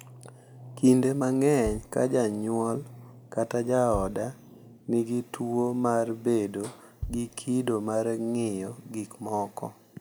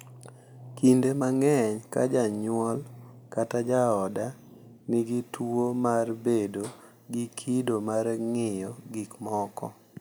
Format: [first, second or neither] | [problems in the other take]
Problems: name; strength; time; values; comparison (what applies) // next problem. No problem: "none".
second | background sound (Bass drum); 17 dB below the speech